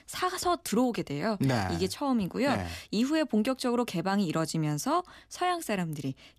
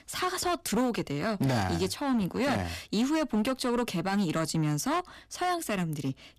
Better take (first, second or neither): first